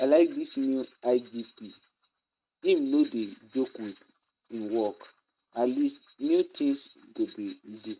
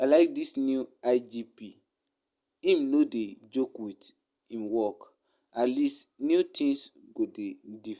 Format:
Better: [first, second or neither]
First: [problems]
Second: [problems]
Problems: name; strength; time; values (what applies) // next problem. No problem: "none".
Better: second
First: noise reduction (neural mask model RNNoise)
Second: none